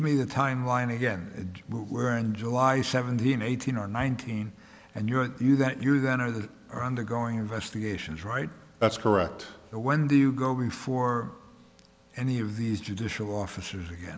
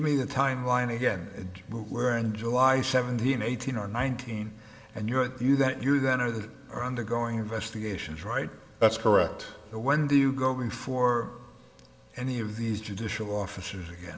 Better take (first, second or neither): first